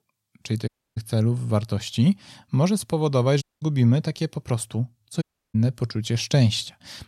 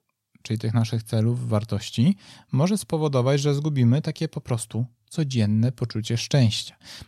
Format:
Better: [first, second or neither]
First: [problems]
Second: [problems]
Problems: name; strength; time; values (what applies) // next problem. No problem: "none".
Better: second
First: audio cutting out; at 0.5 s, at 3.5 s and at 5 s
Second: none